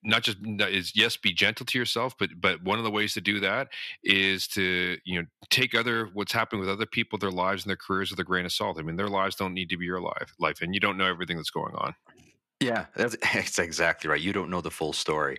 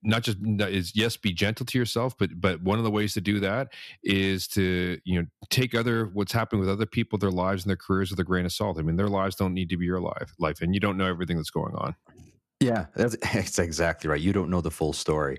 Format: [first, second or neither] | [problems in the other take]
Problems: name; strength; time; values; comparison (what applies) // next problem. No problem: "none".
second | thin; somewhat; fading below 550 Hz